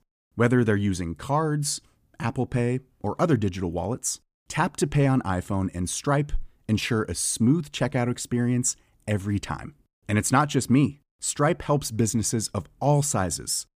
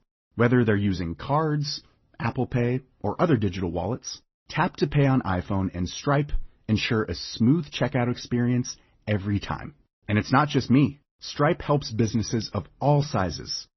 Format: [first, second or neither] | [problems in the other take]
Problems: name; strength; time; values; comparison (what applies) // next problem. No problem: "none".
first | garbled, watery; slightly; nothing above 6 kHz